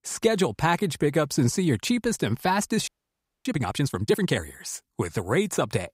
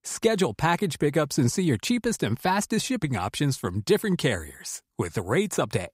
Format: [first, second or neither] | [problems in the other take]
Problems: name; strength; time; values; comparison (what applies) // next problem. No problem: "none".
second | audio freezing; at 3 s for 0.5 s